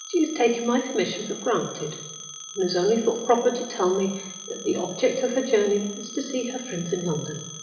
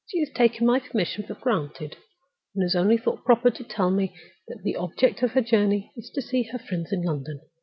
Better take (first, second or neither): second